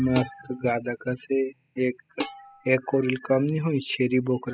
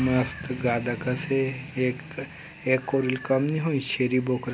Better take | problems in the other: second | noise reduction (classical method spectral subtraction)

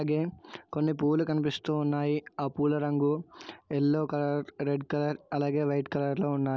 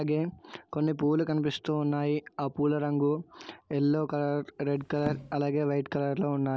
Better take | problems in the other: first | background sound (Percussion); 13 dB below the speech

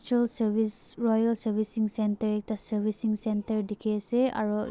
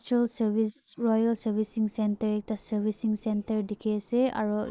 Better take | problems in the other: first | noise reduction (neural mask model Resemble Enhance denoiser)

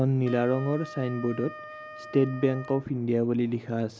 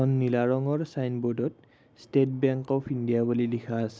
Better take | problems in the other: second | background sound (Wind instrument, woodwind instrument); 17 dB below the speech

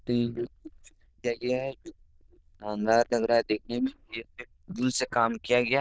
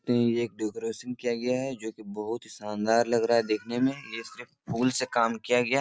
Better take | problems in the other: second | noise reduction (neural diffusion model UNIVERSE++)

